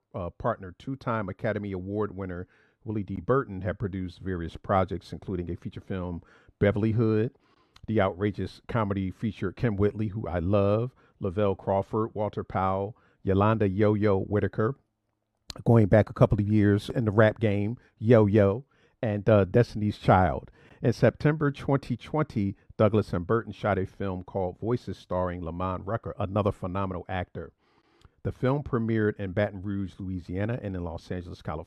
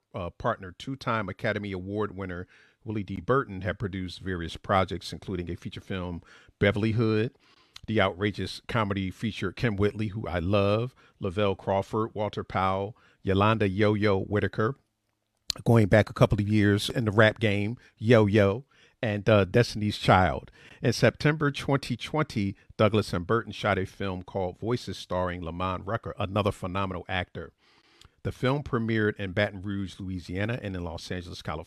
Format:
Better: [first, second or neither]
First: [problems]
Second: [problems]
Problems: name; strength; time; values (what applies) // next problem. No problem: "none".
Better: second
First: muffled; slightly; fading above 1.5 kHz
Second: none